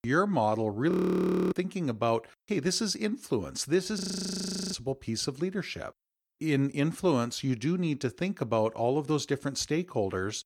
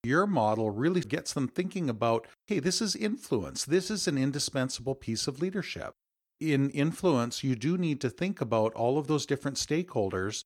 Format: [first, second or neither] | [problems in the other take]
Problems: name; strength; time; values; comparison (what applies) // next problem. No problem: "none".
second | audio freezing; at 1 s for 0.5 s and at 4 s for 0.5 s